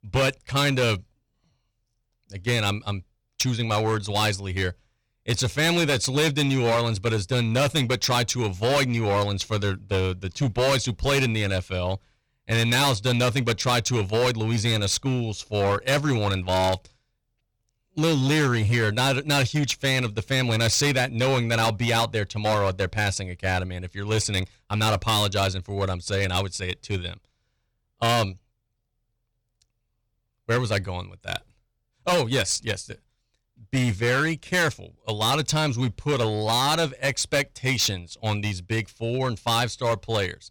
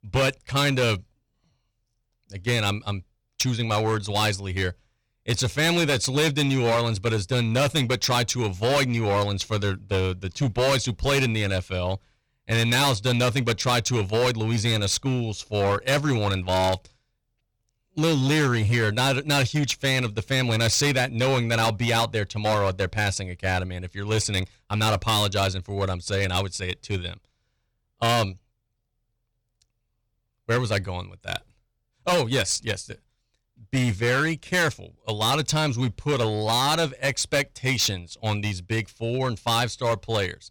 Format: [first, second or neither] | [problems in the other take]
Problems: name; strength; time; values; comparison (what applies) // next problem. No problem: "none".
neither | distortion; heavy; 11% of the sound clipped; the same in both